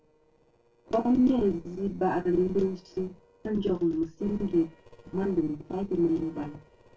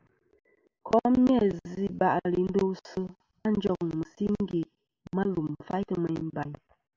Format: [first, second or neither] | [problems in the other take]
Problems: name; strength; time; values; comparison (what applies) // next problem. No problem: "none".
second | noise reduction (neural separator model SepFormer DNS4)